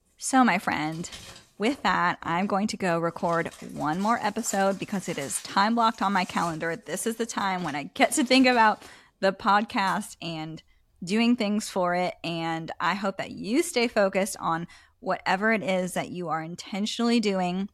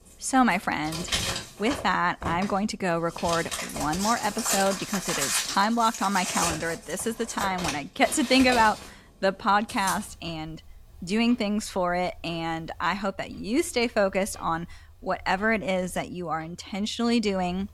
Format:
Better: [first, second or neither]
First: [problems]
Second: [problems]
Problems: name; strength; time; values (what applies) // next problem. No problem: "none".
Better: first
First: household noises; faint; throughout; 20 dB below the speech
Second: household noises; loud; throughout; 5 dB below the speech